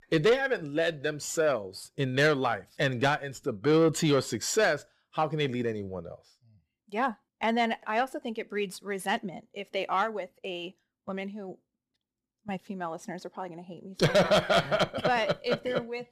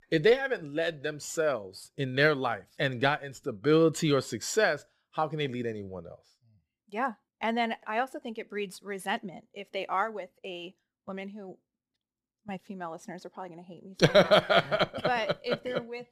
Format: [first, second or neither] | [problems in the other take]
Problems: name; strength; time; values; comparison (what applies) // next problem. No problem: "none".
second | distortion; slight; 10 dB below the speech